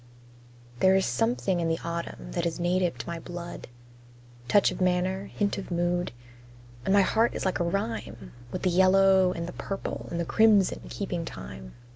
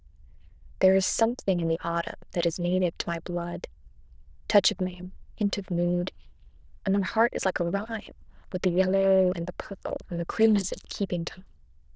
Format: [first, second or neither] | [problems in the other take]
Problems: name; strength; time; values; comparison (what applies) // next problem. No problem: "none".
first | noise reduction (neural diffusion model UNIVERSE++)